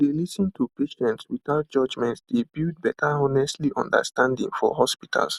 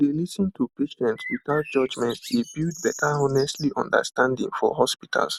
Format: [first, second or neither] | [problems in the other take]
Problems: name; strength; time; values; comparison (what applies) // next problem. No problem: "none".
first | background sound (Bird); 14 dB below the speech